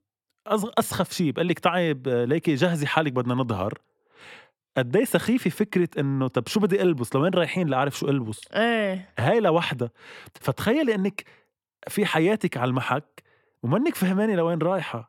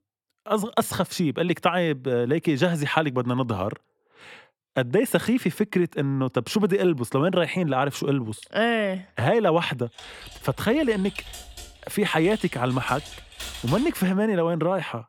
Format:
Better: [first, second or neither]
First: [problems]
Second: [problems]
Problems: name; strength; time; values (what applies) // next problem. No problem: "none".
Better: first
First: none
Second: keyboard typing; noticeable; from 10 to 14 s; peak 10 dB below the speech